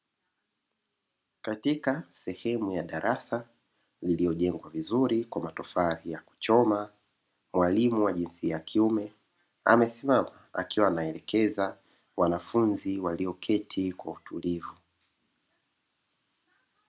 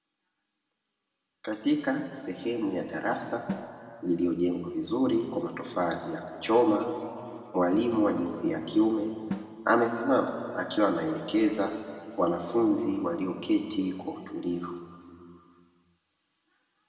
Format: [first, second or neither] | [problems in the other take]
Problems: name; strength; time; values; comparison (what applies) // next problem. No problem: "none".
first | background sound (Drum); 17 dB below the speech // room echo; dies away in 2.1 s